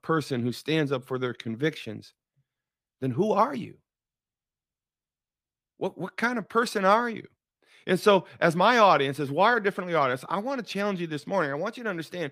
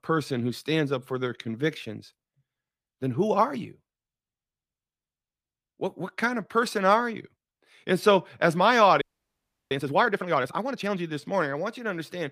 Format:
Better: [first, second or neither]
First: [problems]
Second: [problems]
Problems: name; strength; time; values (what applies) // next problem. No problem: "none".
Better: first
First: none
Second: audio freezing; at 9 s for 0.5 s